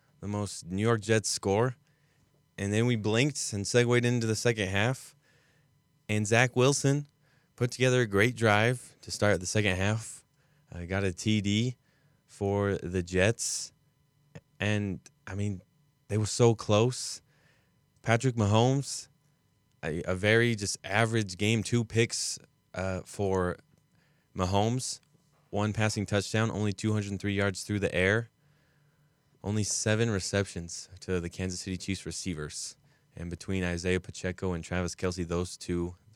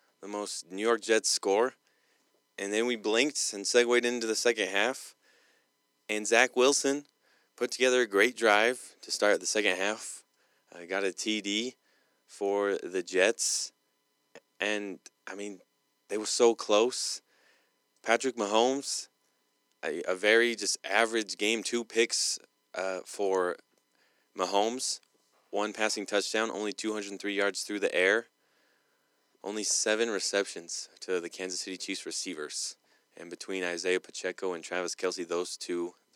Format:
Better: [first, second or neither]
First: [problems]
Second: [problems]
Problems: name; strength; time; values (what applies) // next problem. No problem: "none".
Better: first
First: none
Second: thin; somewhat; fading below 300 Hz